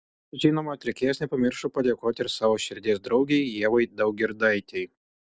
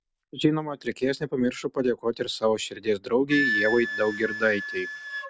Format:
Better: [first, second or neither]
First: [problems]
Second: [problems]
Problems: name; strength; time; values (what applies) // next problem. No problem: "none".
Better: first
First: none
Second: background sound (Wind instrument, woodwind instrument); 8 dB below the speech